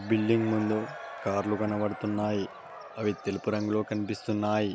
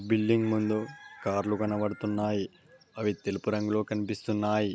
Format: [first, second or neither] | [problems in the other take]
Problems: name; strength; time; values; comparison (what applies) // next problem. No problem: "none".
second | background sound (Crowd / Cheering); 15 dB below the speech